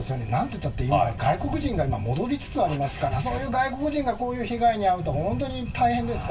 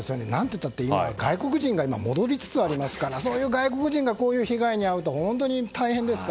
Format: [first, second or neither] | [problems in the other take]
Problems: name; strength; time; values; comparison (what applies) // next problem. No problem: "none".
second | background sound (Thunder / Bicycle); 9 dB below the speech // room echo; dies away in 0.2 s